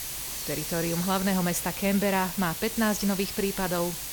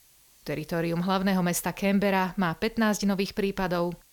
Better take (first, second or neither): second